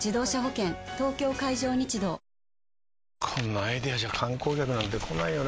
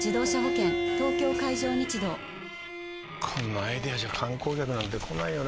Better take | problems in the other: first | background sound (Bowed string instrument); 2 dB below the speech

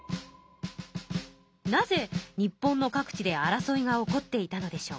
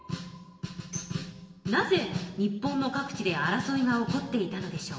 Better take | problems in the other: first | background sound (Tambourine); 18 dB below the speech // room echo; dies away in 1.1 s

